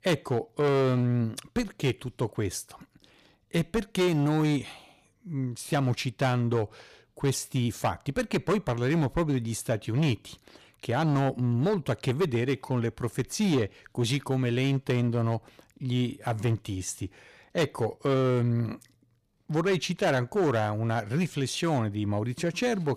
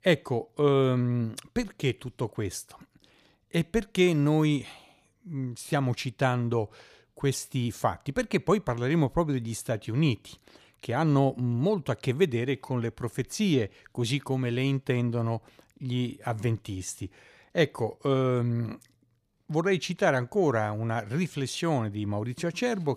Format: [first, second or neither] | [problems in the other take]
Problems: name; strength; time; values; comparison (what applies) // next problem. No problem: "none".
second | distortion; slight; 8% of the sound clipped